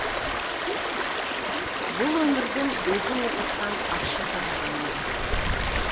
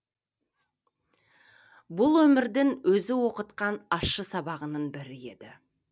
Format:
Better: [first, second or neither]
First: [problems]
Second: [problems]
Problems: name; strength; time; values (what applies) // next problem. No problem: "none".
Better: second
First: background sound (Stream); 4 dB above the speech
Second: none